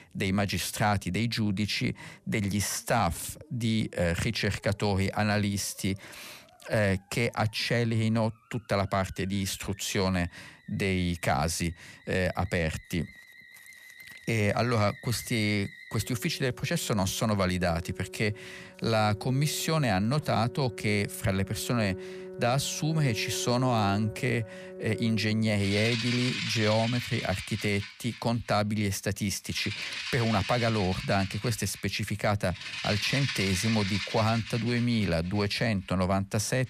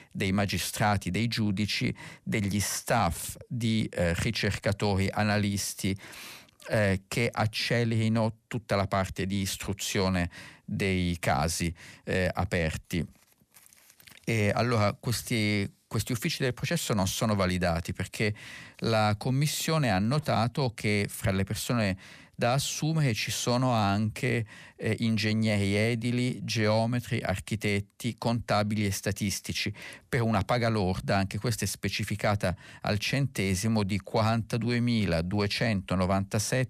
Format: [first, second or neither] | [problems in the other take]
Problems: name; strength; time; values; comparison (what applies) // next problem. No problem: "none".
second | background music; loud; throughout; 9 dB below the speech